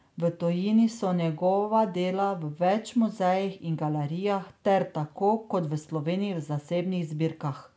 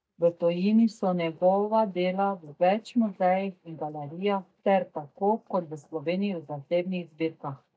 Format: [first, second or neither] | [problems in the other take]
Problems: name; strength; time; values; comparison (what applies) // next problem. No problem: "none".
first | noise reduction (neural mask model DeepFilterNet 3)